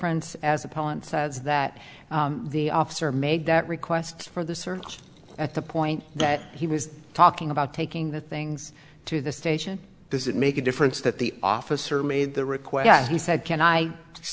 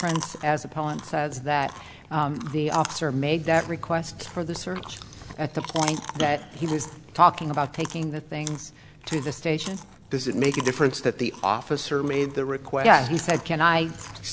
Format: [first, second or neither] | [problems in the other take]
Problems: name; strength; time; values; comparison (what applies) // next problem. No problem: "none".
first | background sound (Chewing, mastication); 15 dB below the speech